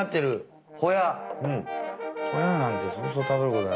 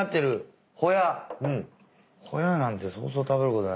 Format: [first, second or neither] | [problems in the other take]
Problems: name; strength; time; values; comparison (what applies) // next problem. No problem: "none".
second | background sound (Brass instrument); 6 dB below the speech